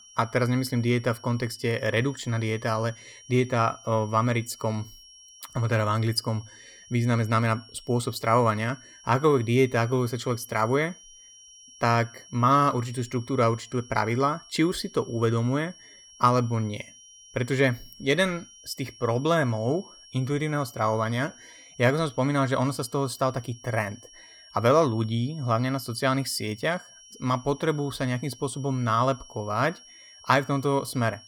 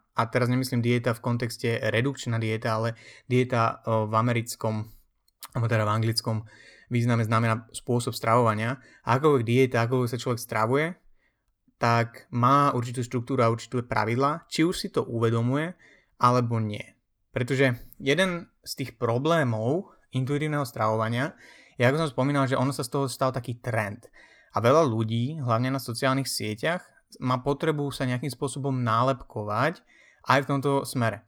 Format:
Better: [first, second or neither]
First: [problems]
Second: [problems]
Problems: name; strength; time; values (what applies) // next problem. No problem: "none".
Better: second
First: high-pitched whine; faint; throughout; 5.5 kHz, 20 dB below the speech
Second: none